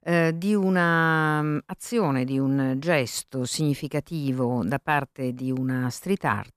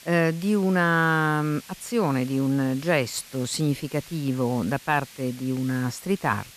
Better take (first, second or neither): first